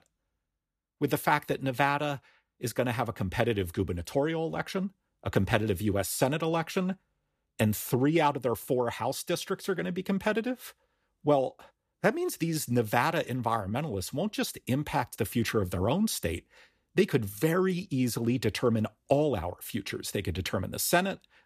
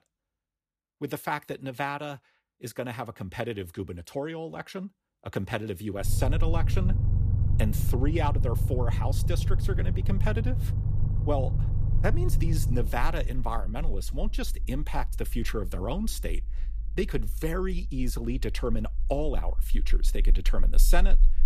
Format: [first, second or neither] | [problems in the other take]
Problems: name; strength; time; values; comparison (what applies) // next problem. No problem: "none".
first | low rumble; loud; from 6 s on; 9 dB below the speech